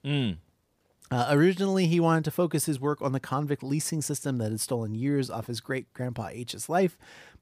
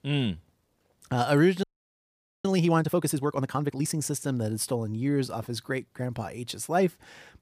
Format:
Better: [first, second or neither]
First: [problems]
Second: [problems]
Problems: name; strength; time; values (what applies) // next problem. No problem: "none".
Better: first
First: none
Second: audio freezing; at 1.5 s for 1 s